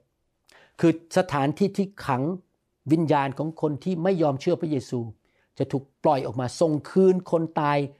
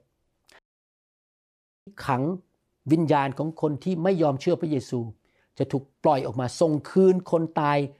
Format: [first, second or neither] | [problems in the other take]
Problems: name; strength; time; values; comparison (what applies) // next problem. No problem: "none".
first | audio cutting out; at 0.5 s for 1.5 s